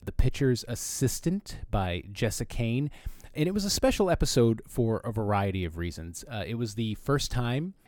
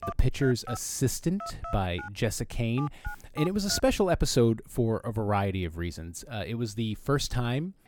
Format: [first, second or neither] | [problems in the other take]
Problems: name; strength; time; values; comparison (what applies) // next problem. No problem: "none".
first | phone ringing; faint; until 4 s; peak 10 dB below the speech